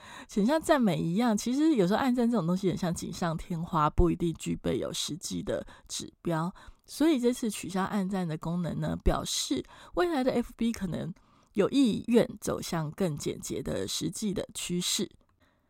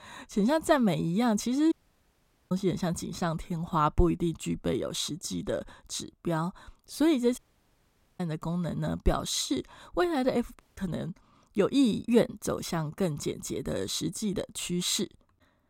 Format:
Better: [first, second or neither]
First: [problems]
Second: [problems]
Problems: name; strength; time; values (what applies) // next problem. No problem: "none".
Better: first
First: none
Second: audio cutting out; at 1.5 s for 1 s, at 7.5 s for 1 s and at 11 s